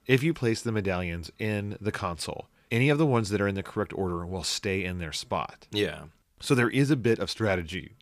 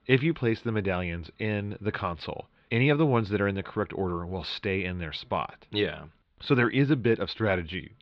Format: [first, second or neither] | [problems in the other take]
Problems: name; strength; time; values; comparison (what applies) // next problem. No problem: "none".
first | muffled; slightly; fading above 4 kHz